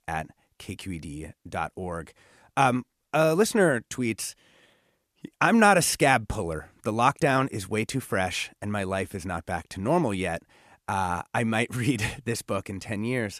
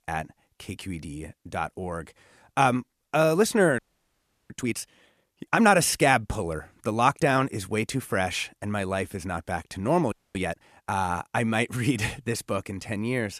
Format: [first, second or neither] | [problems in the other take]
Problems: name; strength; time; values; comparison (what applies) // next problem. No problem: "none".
first | audio freezing; at 4 s for 0.5 s and at 10 s